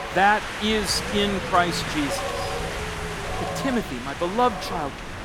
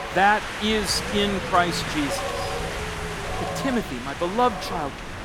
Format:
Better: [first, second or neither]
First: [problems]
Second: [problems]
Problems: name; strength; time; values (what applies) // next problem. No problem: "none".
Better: neither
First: wind in the background; loud; throughout; 5 dB below the speech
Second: wind in the background; loud; throughout; 5 dB below the speech